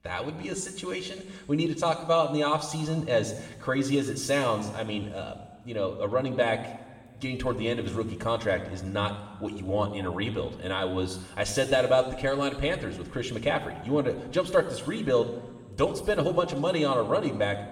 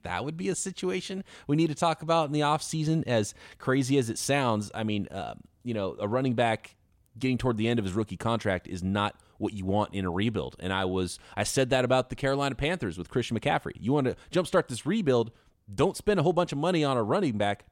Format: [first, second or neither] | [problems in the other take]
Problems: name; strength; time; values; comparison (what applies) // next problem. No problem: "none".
second | room echo; noticeable; dies away in 1.5 s // off-mic speech; somewhat distant